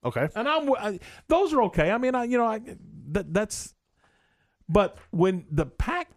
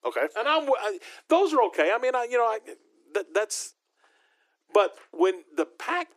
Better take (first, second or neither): first